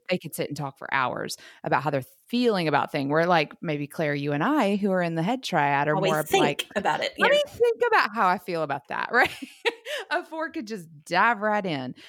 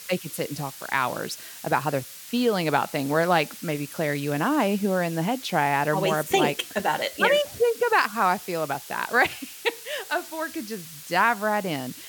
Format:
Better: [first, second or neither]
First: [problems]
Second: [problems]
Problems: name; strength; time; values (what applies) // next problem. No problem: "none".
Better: first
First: none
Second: hiss; noticeable; throughout; 15 dB below the speech